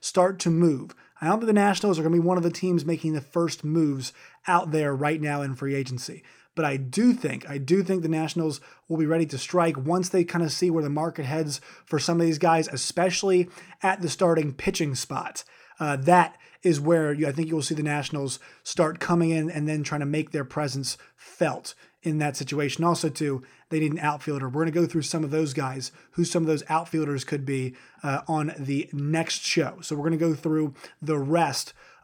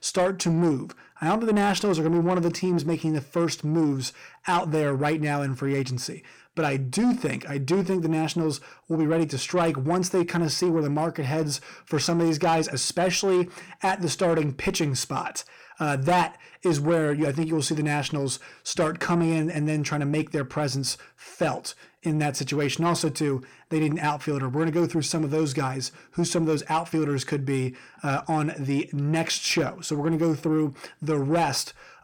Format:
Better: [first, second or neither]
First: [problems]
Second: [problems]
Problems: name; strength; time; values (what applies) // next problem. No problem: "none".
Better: first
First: none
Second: distortion; slight; 10 dB below the speech